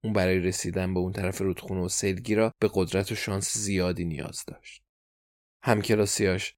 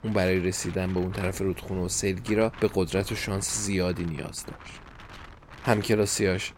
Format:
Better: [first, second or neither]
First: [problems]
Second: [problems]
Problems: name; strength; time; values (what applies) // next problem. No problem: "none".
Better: first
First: none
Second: wind noise on the microphone; occasional gusts; 15 dB below the speech